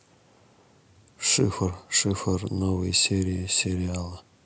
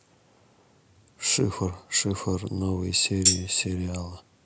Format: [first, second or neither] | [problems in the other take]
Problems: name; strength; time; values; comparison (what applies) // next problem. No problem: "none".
first | background sound (Tambourine); 1 dB above the speech